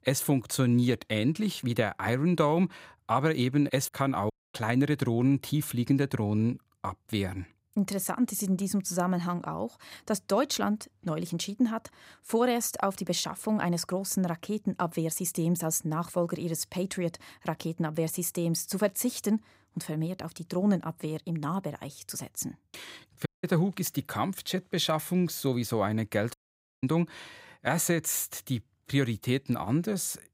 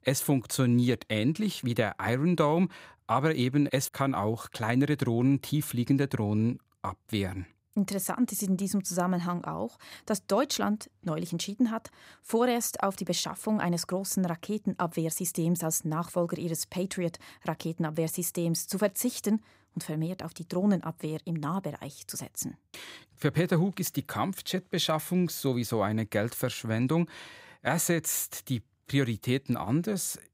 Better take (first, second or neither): second